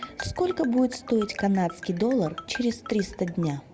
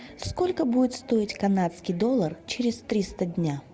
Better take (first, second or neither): second